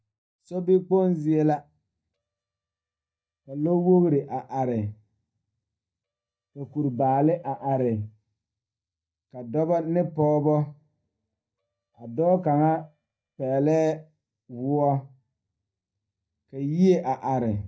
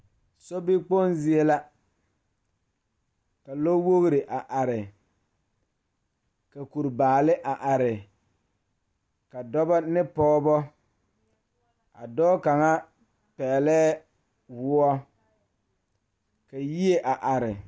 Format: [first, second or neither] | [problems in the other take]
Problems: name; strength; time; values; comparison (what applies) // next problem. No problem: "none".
second | noise reduction (neural mask model DeepFilterNet 3)